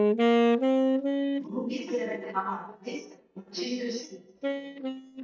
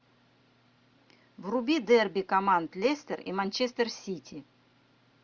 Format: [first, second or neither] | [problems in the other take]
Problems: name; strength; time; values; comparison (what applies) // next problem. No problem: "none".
second | noise reduction (neural mask model DeepFilterNet 3)